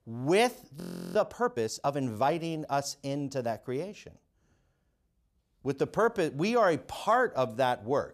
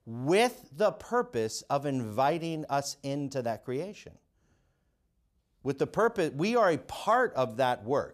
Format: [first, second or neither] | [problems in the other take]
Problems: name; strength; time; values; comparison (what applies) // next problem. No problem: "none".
second | audio freezing; at 1 s